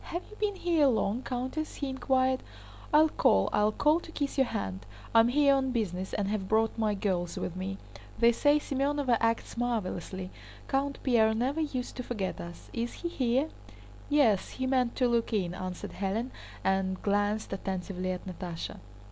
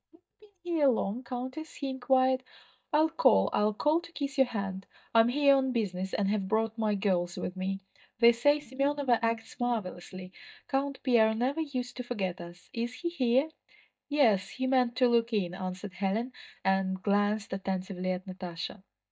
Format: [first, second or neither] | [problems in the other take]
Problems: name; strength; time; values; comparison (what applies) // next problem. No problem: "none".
first | noise reduction (neural mask model DeepFilterNet 3)